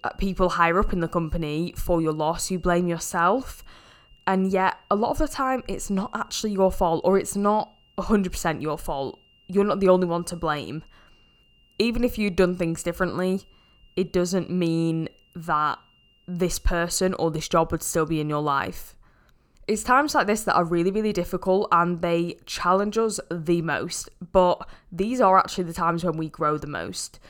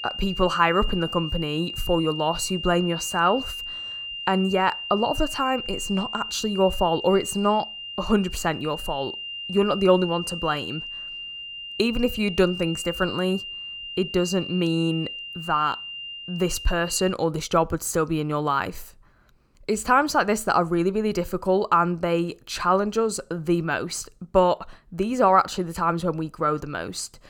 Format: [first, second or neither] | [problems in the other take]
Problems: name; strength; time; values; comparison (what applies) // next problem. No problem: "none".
first | high-pitched whine; loud; until 17 s; 3 kHz, 8 dB below the speech; faint in the first